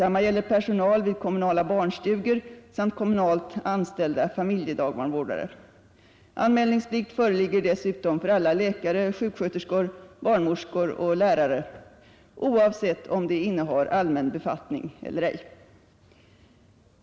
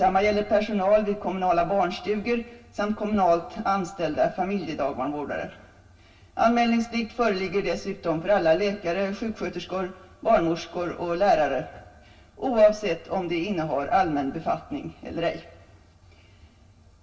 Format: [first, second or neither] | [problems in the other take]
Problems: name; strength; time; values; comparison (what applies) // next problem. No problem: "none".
first | room echo; dies away in 0.1 s